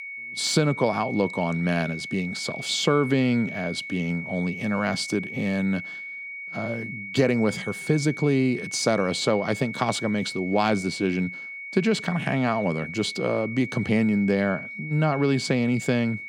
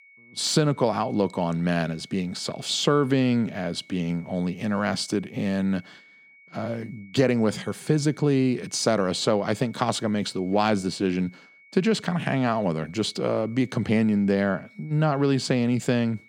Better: second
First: high-pitched whine; loud; throughout; 2 kHz, 9 dB below the speech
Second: high-pitched whine; faint; throughout; 2 kHz, 25 dB below the speech

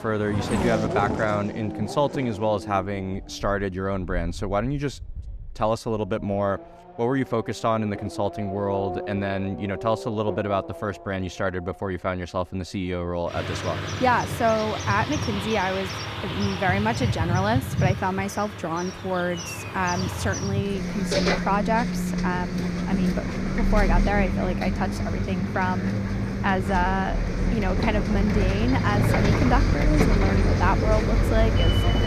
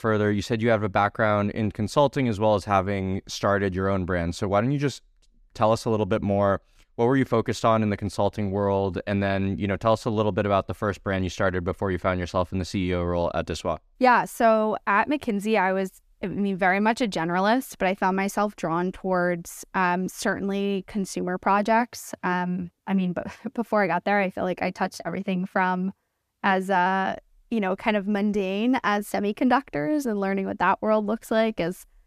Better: second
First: traffic noise; very loud; throughout; as loud as the speech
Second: none

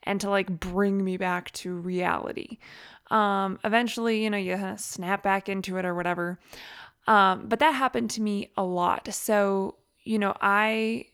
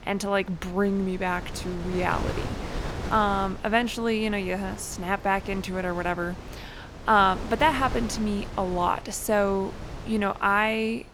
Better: first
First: none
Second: wind noise on the microphone; occasional gusts; 15 dB below the speech

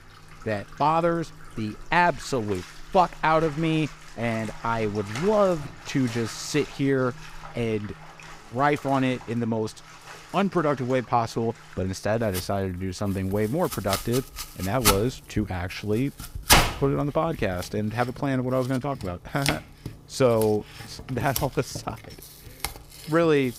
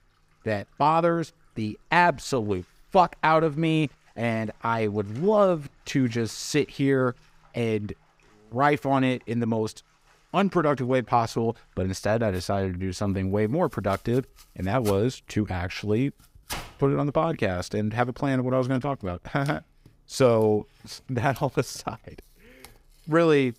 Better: second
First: household noises; loud; throughout; 5 dB below the speech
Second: household noises; faint; throughout; 25 dB below the speech

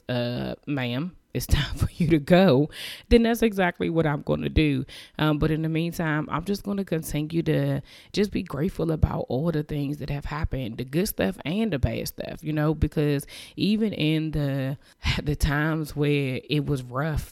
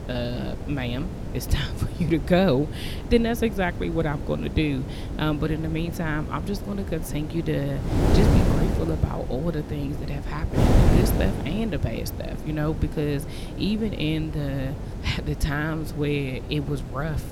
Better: first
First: none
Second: wind noise on the microphone; heavy; 5 dB below the speech

